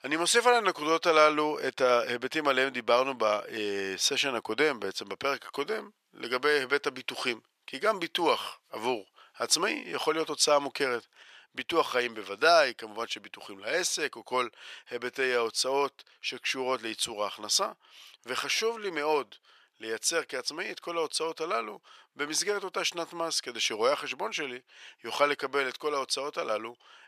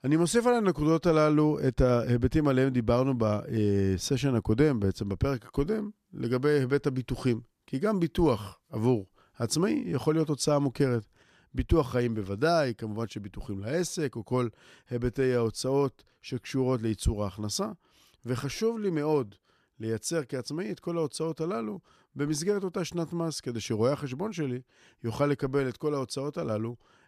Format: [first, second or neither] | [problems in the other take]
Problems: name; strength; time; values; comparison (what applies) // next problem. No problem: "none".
second | thin; very; fading below 700 Hz